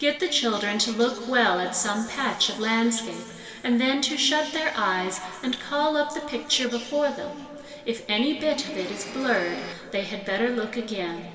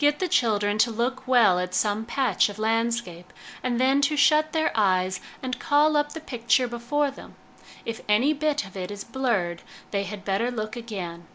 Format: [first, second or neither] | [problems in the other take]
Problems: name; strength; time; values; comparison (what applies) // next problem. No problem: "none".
second | background sound (Domestic sounds, home sounds); 13 dB below the speech // room echo; dies away in 2.5 s